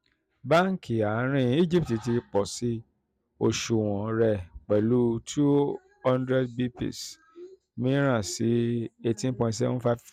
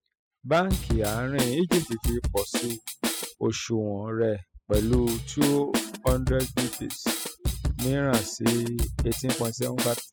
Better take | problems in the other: first | noise reduction (classical method spectral subtraction)

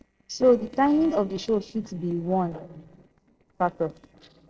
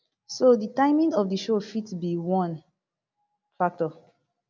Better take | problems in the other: second | noise reduction (neural separator model SepFormer DNS4)

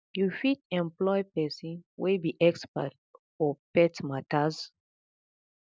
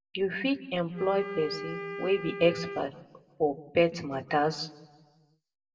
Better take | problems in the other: first | background sound (Wind instrument, woodwind instrument); 10 dB below the speech // room echo; dies away in 0.9 s

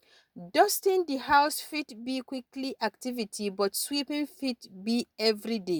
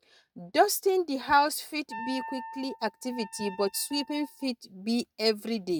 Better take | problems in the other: first | noise reduction (neural mask model RNNoise)

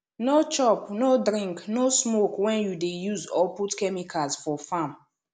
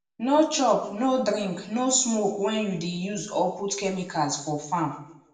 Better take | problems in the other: first | room echo; dies away in 0.7 s

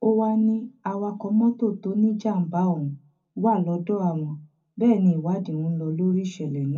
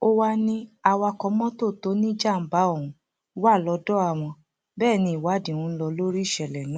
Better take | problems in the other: second | room echo; dies away in 0.3 s

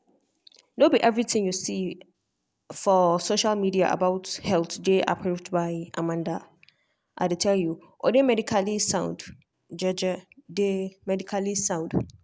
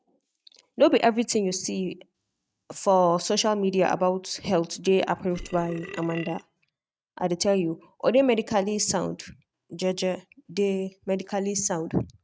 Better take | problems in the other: first | noise reduction (neural mask model RNNoise)

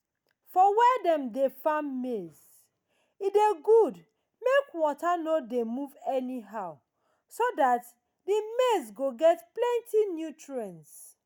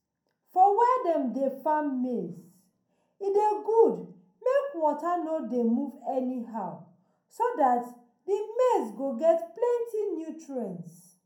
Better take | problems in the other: first | room echo; dies away in 0.5 s

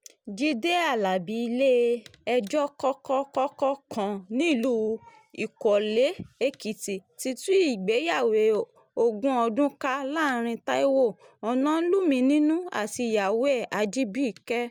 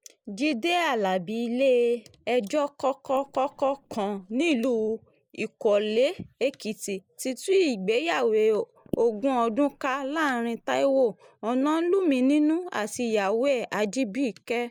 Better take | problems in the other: first | noise reduction (neural mask model Resemble Enhance denoiser)

